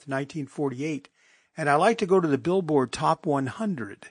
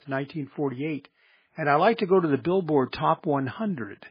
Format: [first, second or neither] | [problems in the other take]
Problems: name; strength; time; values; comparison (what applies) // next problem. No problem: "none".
first | garbled, watery; badly; nothing above 5 kHz; slightly in the first